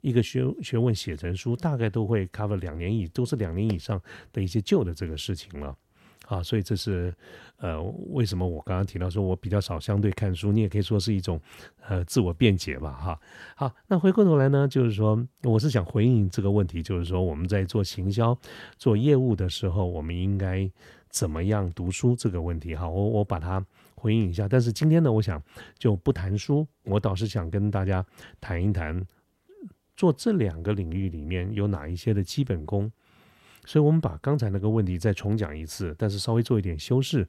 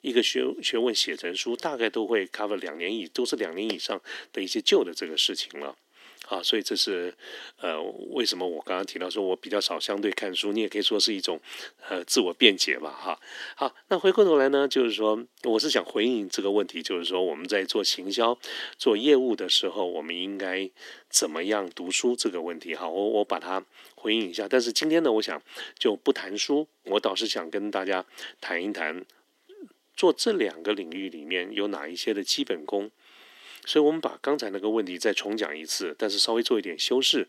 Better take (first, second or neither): first